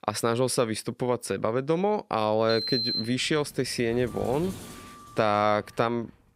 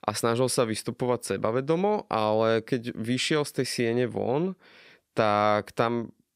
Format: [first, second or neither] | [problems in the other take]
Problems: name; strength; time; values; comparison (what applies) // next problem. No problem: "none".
second | door banging; loud; from 2.5 to 5 s; peak 1 dB above the speech